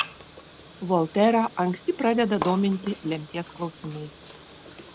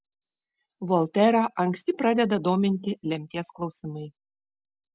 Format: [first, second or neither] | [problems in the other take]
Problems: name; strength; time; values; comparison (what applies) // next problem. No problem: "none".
second | background sound (Bathtub (filling or washing) / Water); 14 dB below the speech